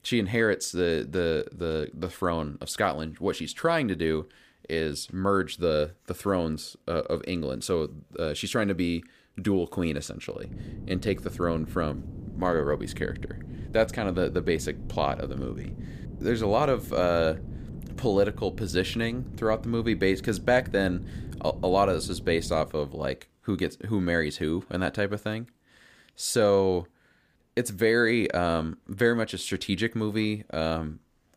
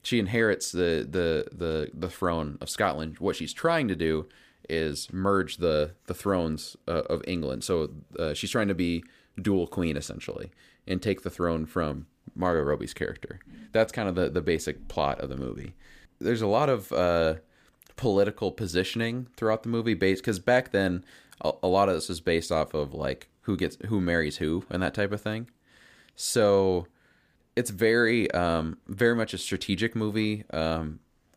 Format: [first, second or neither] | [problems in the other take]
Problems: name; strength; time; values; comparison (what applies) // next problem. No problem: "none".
second | wind noise on the microphone; occasional gusts; from 10 to 23 s; 20 dB below the speech